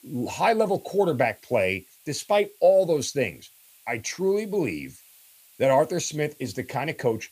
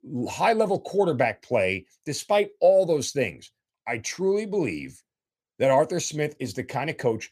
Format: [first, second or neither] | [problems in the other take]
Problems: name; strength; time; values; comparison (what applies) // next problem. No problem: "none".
second | hiss; faint; throughout; 25 dB below the speech